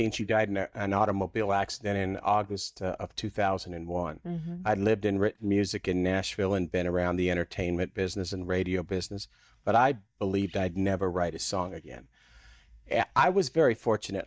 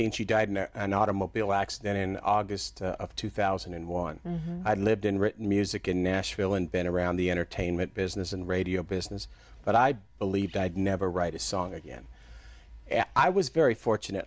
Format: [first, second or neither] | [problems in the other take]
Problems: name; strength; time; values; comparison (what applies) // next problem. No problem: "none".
second | noise reduction (neural mask model DeepFilterNet 3)